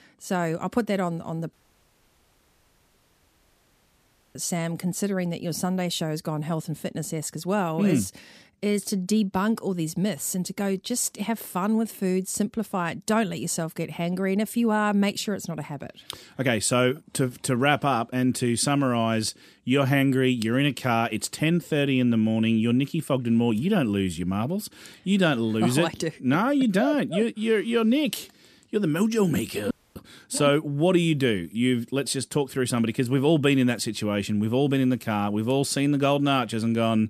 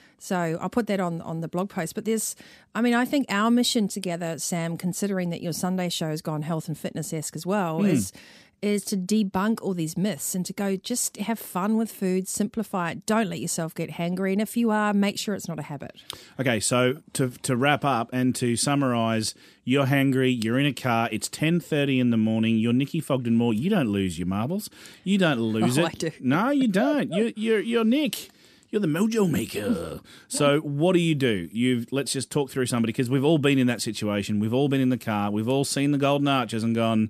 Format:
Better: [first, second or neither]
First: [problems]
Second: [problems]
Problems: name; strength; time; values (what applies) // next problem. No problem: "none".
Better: second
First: audio cutting out; at 1.5 s for 3 s and at 30 s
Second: none